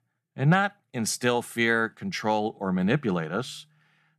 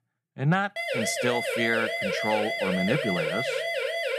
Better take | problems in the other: first | siren; loud; from 1 s on; peak 1 dB above the speech

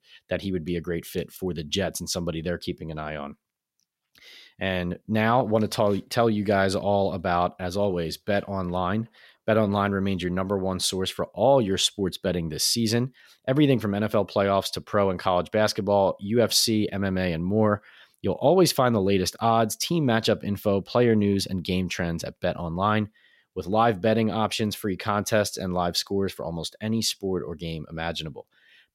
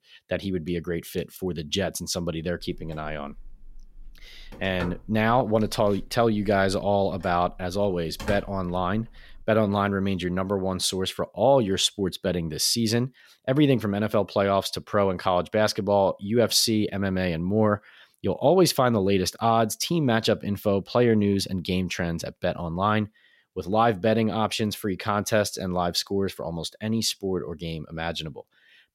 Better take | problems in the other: first | phone ringing; faint; from 2.5 to 9.5 s; peak 10 dB below the speech

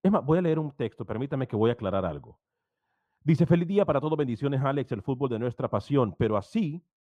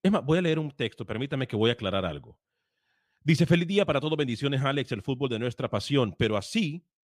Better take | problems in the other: second | muffled; very; fading above 1.5 kHz

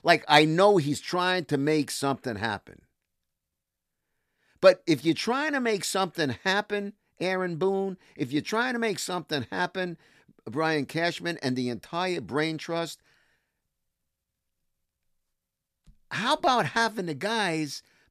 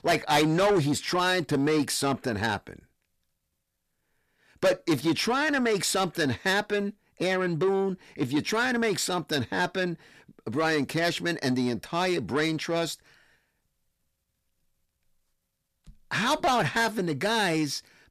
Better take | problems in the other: first | distortion; heavy; 7 dB below the speech

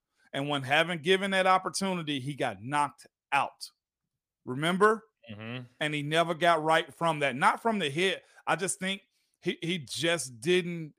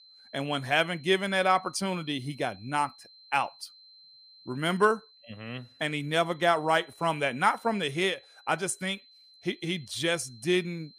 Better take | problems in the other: first | high-pitched whine; faint; throughout; 4 kHz, 25 dB below the speech

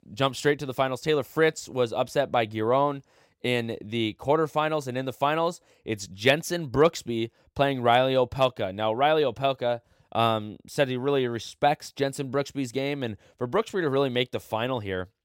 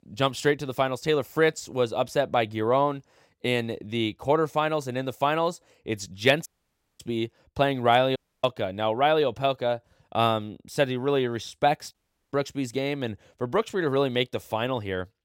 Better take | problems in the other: first | audio cutting out; at 6.5 s for 0.5 s, at 8 s and at 12 s

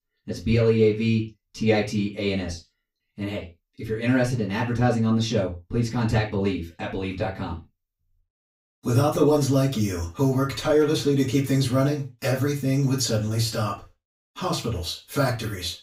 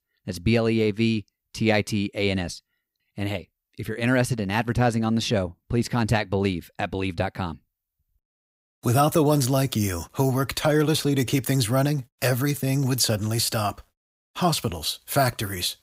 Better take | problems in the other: second | room echo; slight; dies away in 0.2 s // off-mic speech; far

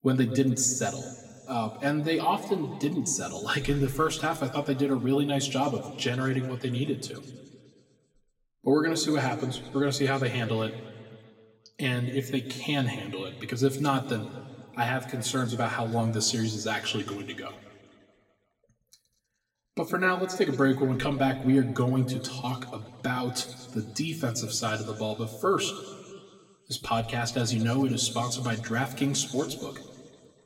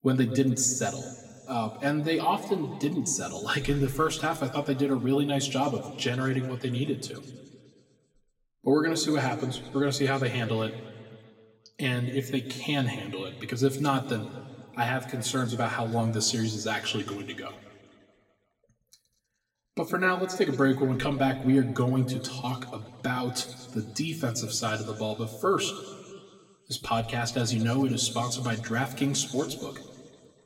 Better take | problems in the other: neither | room echo; slight; dies away in 1.8 s; the same in both // off-mic speech; somewhat distant; the same in both

